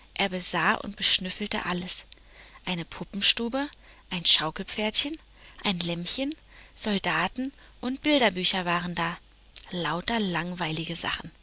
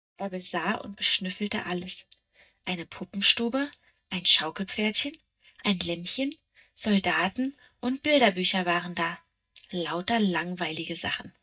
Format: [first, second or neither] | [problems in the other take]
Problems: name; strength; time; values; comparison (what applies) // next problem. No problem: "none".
first | noise reduction (neural mask model DeepFilterNet 3)